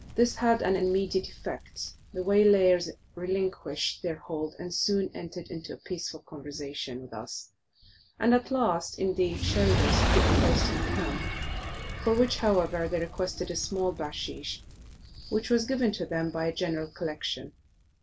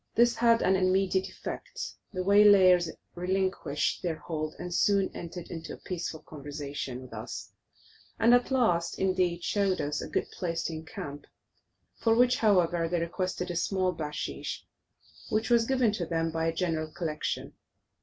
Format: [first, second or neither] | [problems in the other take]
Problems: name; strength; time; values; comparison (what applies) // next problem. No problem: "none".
second | background sound (Fire); 5 dB below the speech